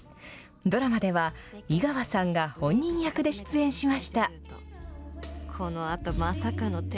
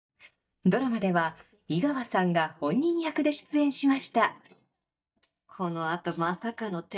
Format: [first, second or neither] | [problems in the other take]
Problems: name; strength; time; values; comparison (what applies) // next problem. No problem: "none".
first | noise reduction (neural mask model DeepFilterNet 3)